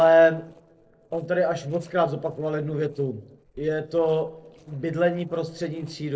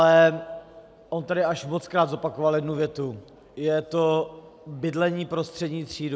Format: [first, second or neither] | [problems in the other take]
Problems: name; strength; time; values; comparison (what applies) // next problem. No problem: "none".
second | noise reduction (neural separator model SepFormer DNS4)